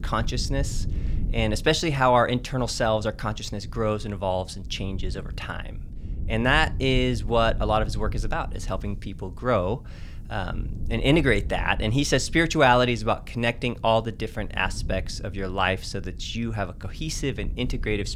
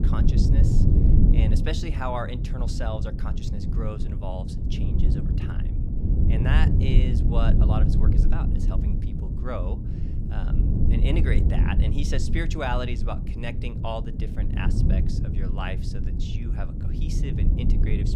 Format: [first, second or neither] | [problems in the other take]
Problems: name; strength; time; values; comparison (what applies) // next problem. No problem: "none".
first | low rumble; loud; throughout; 3 dB below the speech; faint in the first